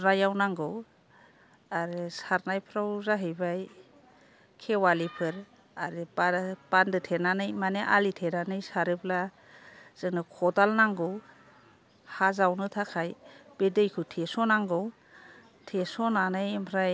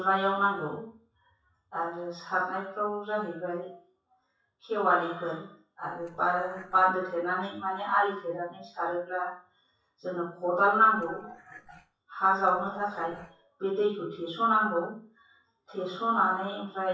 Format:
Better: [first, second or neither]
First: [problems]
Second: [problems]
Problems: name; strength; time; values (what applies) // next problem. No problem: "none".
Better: first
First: none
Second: noise reduction (classical method WPE with log-MMSE)